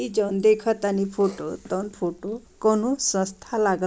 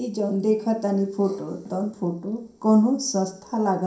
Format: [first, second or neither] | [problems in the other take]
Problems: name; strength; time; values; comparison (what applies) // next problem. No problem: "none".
first | room echo; dies away in 0.5 s